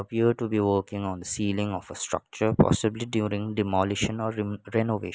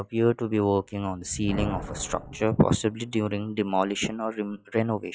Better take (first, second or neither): first